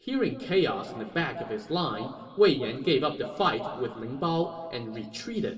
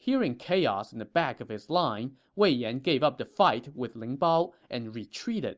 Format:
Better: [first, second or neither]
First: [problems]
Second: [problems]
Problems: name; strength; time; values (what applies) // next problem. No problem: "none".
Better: second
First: room echo; dies away in 2.3 s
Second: none